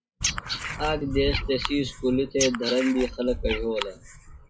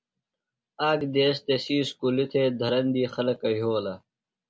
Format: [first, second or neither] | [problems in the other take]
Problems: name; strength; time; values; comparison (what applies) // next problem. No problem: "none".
second | noise reduction (classical method WPE with log-MMSE)